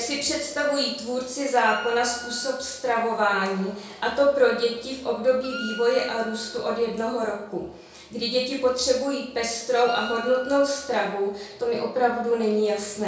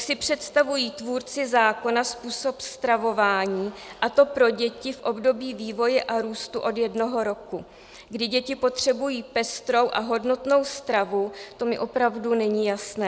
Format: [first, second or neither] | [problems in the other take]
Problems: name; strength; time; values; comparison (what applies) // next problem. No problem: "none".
second | background sound (Wind instrument, woodwind instrument); 13 dB below the speech // room echo; dies away in 0.5 s